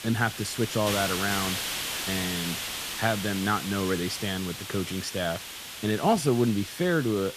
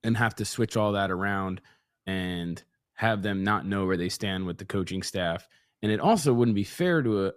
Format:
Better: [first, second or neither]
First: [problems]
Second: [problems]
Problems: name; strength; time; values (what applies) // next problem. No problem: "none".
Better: second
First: hiss; loud; throughout; 4 dB below the speech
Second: none